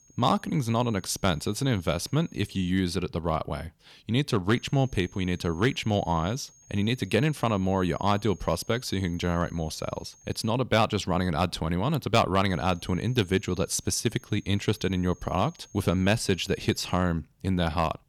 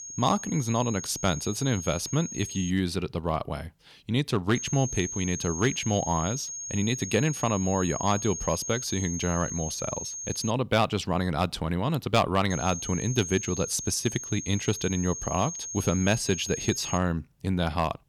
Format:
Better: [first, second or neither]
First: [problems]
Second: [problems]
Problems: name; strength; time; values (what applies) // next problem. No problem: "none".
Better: first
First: high-pitched whine; faint; until 2.5 s, from 4.5 to 11 s and from 13 to 17 s; 6.5 kHz, 25 dB below the speech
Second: high-pitched whine; loud; until 2.5 s, from 4.5 to 11 s and from 13 to 17 s; 6.5 kHz, 6 dB below the speech